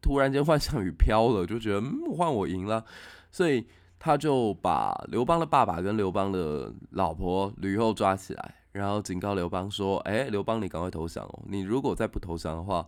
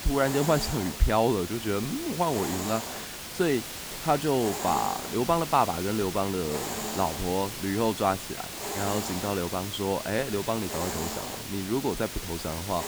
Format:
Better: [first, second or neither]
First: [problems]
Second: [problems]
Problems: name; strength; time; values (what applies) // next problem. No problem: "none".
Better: first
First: none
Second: hiss; loud; throughout; 6 dB below the speech